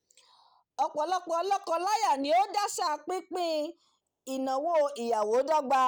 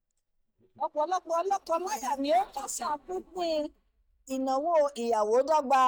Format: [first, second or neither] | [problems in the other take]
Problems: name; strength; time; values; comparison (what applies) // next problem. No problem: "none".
first | noise reduction (neural mask model DeepFilterNet 3)